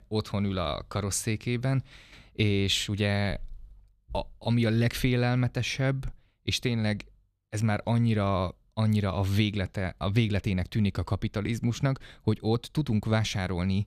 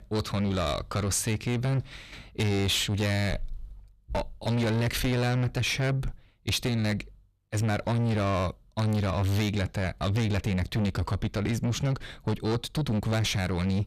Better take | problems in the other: first | distortion; heavy; 7 dB below the speech

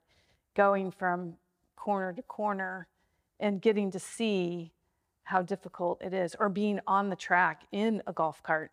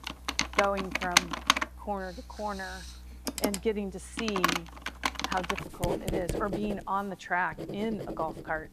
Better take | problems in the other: first | household noises; very loud; throughout; 3 dB above the speech

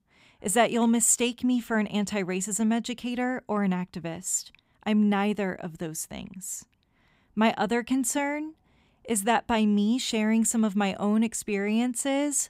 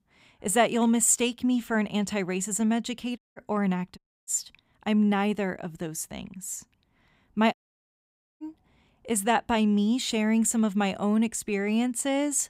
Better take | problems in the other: first | audio cutting out; at 3 s, at 4 s and at 7.5 s for 1 s

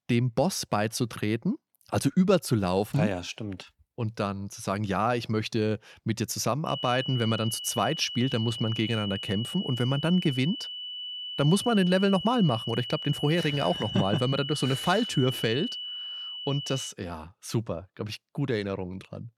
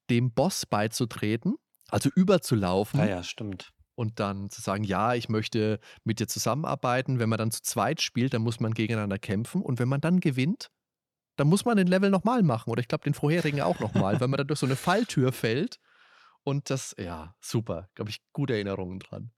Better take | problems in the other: second | high-pitched whine; loud; from 6.5 to 17 s; 3 kHz, 6 dB below the speech

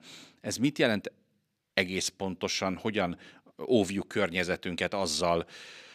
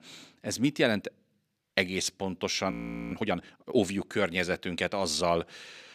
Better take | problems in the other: first | audio freezing; at 2.5 s

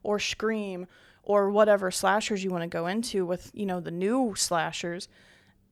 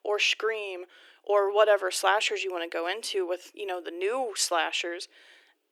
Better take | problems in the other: first | thin; very; fading below 300 Hz

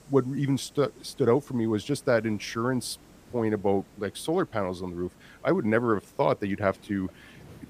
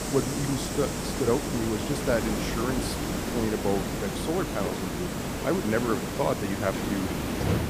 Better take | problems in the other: first | hiss; loud; throughout; as loud as the speech; faint in the first

